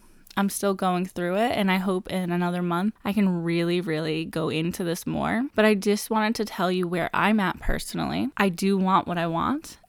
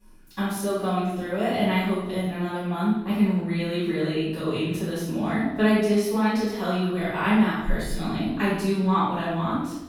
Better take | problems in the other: first | off-mic speech; far // room echo; strong; dies away in 0.9 s

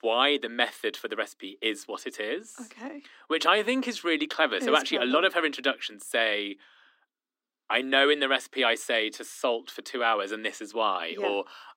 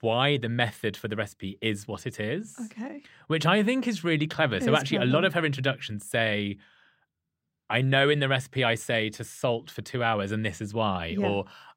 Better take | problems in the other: second | thin; somewhat; fading below 250 Hz

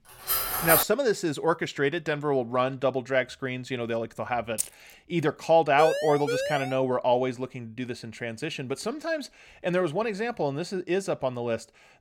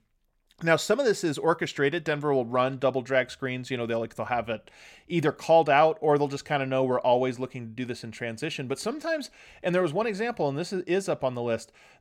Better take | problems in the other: second | clattering dishes; loud; at 0.5 s; peak 5 dB above the speech // jangling keys; noticeable; at 4.5 s; peak 4 dB below the speech // siren; noticeable; at 6 s; peak 2 dB below the speech

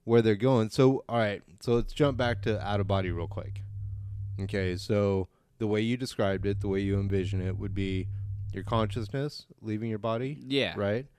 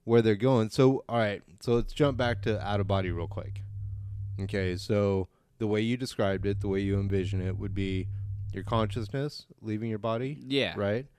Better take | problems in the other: neither | low rumble; faint; from 2 to 5 s and from 6.5 to 9 s; 20 dB below the speech; the same in both

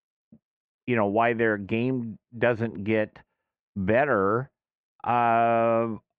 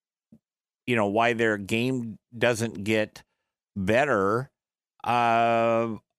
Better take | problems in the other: second | muffled; very; fading above 2 kHz

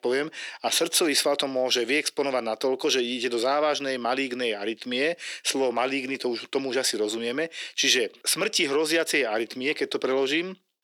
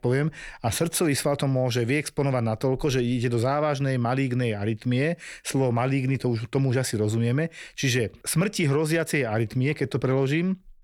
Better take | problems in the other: second | thin; somewhat; fading below 300 Hz

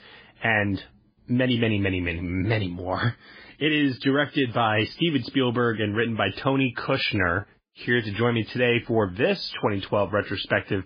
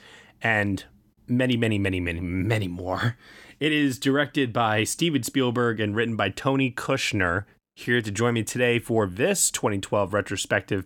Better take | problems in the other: second | garbled, watery; badly; nothing above 5 kHz

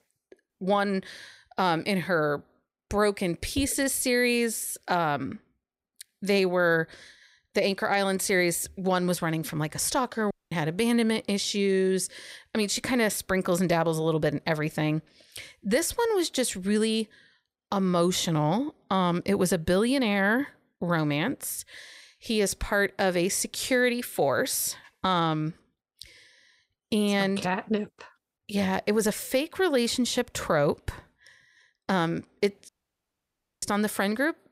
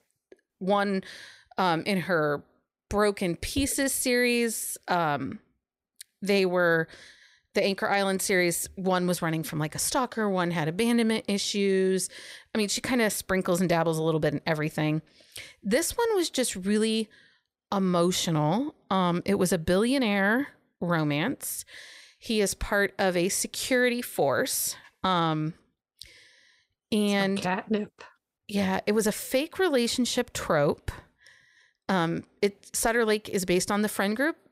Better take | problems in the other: second | audio cutting out; at 10 s and at 33 s for 1 s

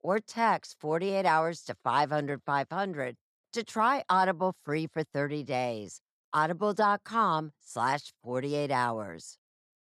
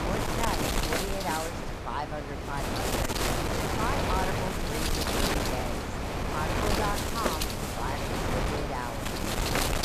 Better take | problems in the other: first | wind noise on the microphone; heavy; 4 dB above the speech

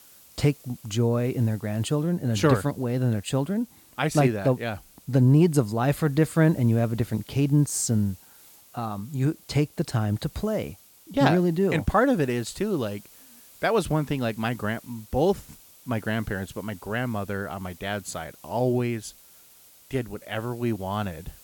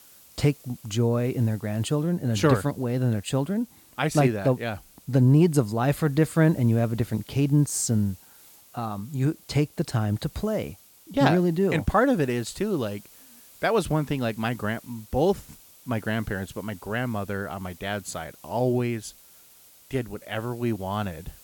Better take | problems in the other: neither | hiss; faint; throughout; 25 dB below the speech; the same in both

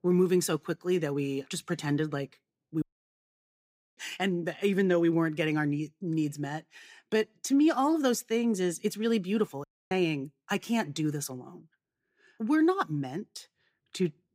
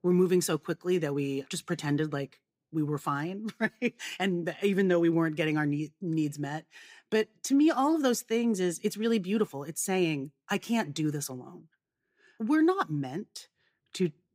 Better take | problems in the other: second | audio cutting out; at 3 s for 1 s and at 9.5 s

